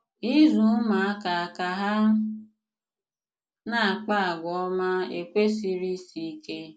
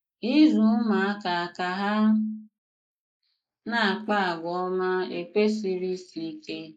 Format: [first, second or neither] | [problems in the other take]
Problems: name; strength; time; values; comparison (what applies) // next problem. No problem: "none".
first | noise reduction (neural mask model Resemble Enhance denoiser)